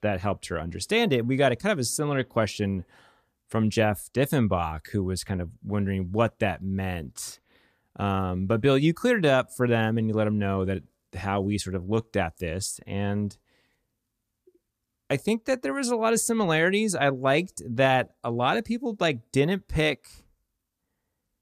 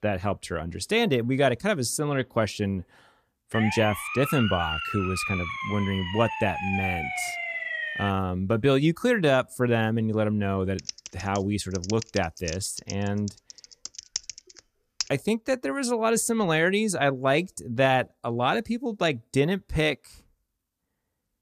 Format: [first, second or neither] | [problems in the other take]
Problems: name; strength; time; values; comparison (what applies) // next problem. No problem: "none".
first | siren; noticeable; from 3.5 to 8 s; peak 2 dB below the speech // keyboard typing; noticeable; from 11 to 15 s; peak 7 dB below the speech